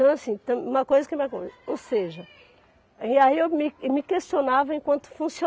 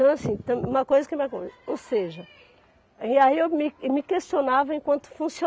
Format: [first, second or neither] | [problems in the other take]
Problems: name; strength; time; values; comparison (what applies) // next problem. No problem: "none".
first | background sound (Wind); 10 dB below the speech